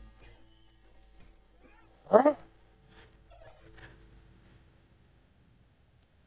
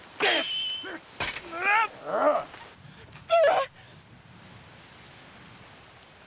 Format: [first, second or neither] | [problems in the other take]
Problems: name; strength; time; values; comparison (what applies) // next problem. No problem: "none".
second | noise reduction (neural mask model DeepFilterNet 3)